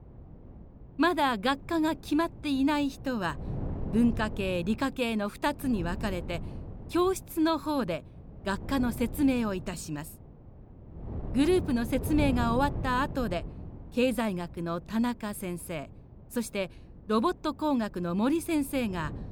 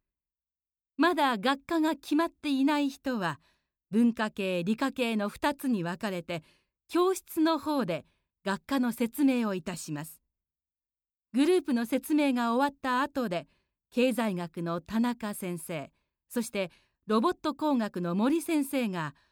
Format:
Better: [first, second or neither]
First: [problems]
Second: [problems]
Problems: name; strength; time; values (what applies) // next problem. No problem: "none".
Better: second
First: wind noise on the microphone; occasional gusts; 15 dB below the speech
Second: none